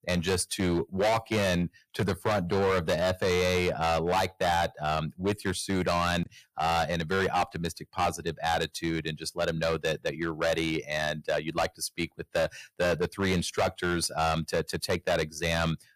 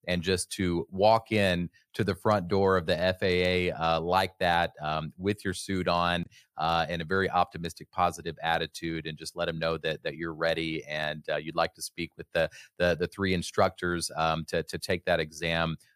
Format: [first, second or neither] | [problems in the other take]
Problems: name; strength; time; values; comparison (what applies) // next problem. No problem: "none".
second | distortion; heavy; 10% of the sound clipped